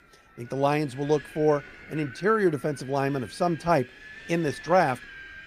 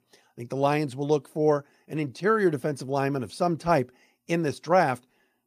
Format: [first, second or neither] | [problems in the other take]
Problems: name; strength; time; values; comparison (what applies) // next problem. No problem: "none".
second | wind noise on the microphone; occasional gusts; 15 dB below the speech